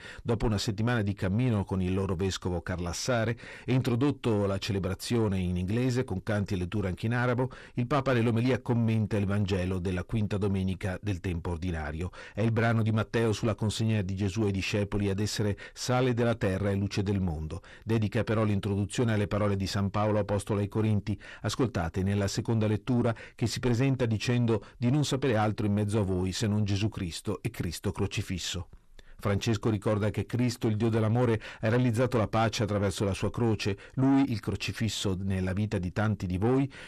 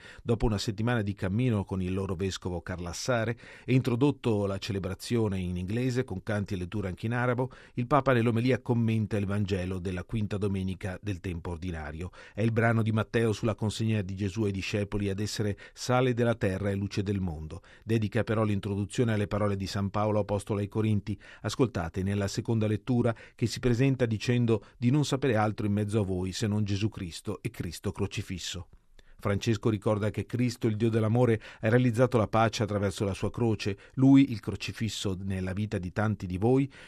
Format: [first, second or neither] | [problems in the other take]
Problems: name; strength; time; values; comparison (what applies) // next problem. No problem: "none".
second | distortion; slight; 10 dB below the speech